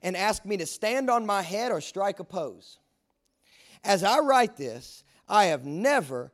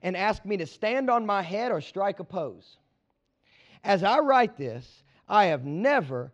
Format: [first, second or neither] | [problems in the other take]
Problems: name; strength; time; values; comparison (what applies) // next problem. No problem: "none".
first | muffled; slightly; fading above 3.5 kHz